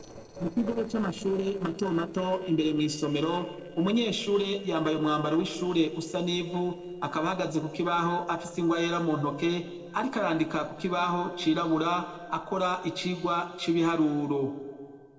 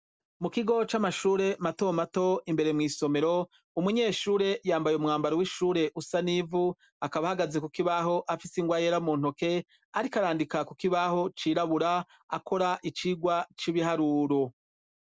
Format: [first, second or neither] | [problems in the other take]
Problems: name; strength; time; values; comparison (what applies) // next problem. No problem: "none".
second | noise reduction (neural separator model SepFormer DNS4)